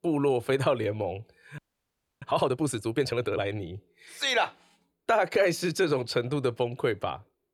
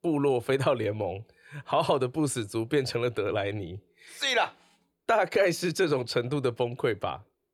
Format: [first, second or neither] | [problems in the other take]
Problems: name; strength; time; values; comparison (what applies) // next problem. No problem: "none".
second | audio freezing; at 1.5 s for 0.5 s